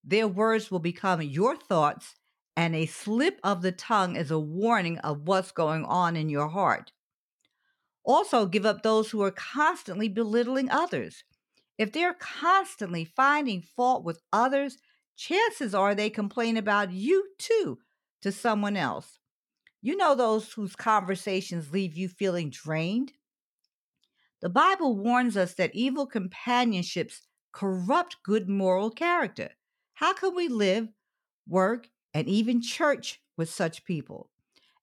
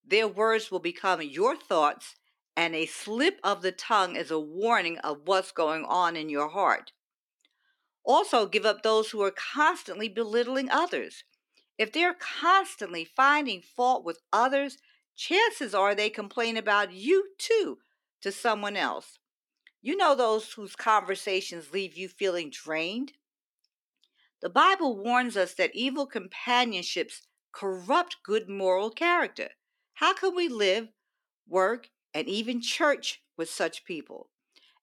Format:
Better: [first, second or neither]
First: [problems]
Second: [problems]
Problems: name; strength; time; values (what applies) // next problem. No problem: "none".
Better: first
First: none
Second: thin; somewhat; fading below 300 Hz